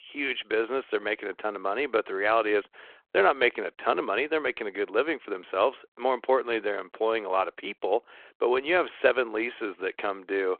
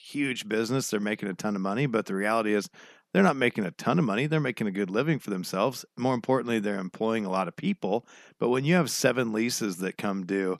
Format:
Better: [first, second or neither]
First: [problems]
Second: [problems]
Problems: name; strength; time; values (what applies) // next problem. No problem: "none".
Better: second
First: phone-call audio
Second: none